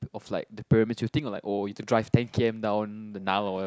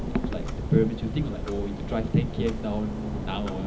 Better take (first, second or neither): first